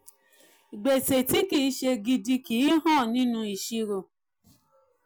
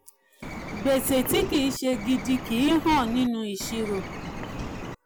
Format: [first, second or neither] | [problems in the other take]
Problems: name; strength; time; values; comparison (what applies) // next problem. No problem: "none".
first | background sound (Bird); 8 dB below the speech